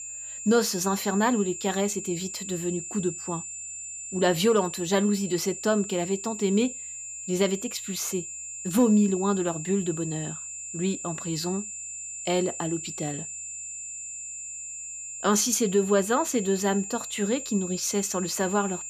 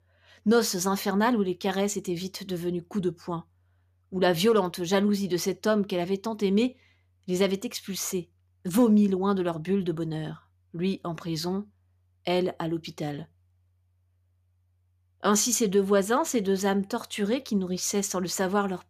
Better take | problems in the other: second | high-pitched whine; loud; throughout; 7 kHz, 8 dB below the speech

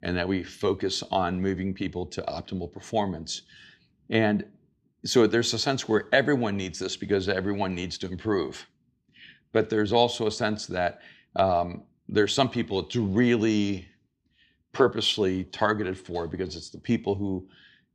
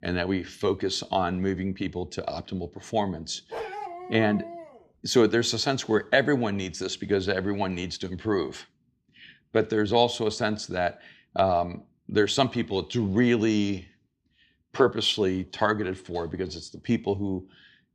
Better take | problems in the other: first | dog barking; noticeable; from 3.5 to 5 s; peak 8 dB below the speech

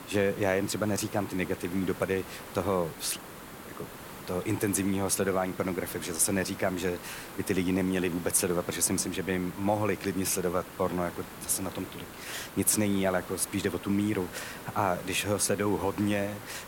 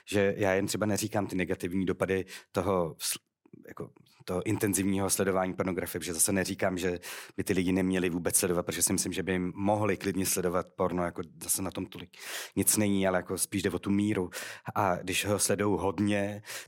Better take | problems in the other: second | hiss; noticeable; throughout; 15 dB below the speech

